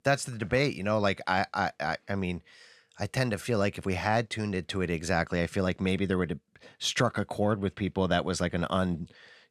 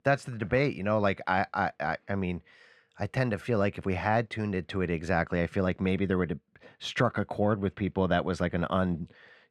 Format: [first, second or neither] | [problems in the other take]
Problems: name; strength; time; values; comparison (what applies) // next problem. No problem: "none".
first | muffled; slightly; fading above 4 kHz